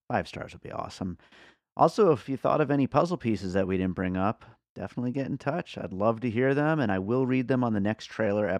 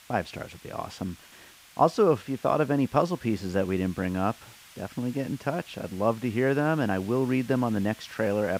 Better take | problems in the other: first | hiss; faint; throughout; 20 dB below the speech

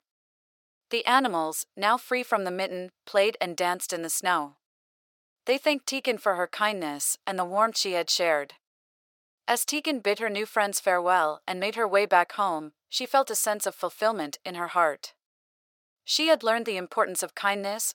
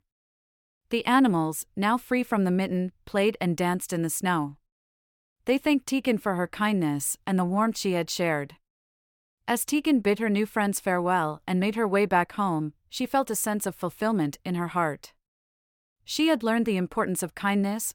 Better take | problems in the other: second | thin; very; fading below 450 Hz

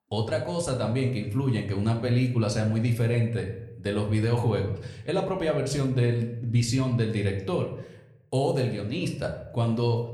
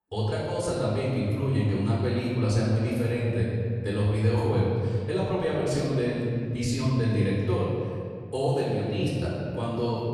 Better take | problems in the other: first | room echo; strong; dies away in 2.1 s; slight in the first // off-mic speech; far

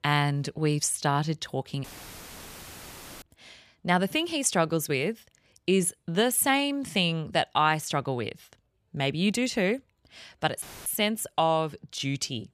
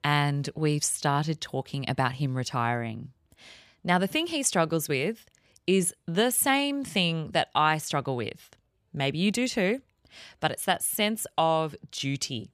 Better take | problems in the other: second | audio cutting out; filled with static; at 2 s for 1.5 s and at 11 s

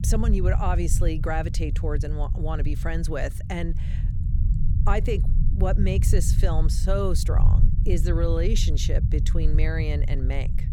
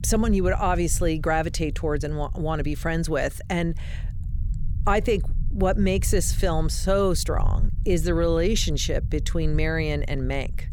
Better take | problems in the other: second | low rumble; loud; throughout; 10 dB below the speech; faint in the second

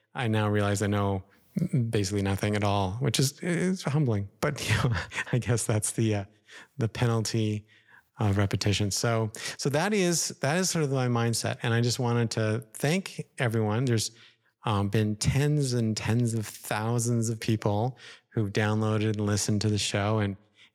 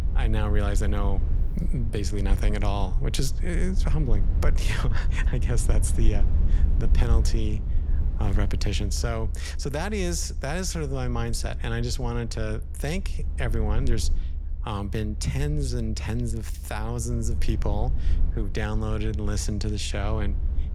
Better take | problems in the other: first | low rumble; noticeable; throughout; 15 dB below the speech

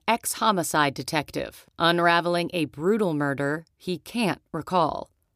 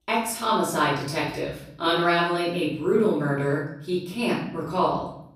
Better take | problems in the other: first | off-mic speech; far // room echo; noticeable; dies away in 0.7 s

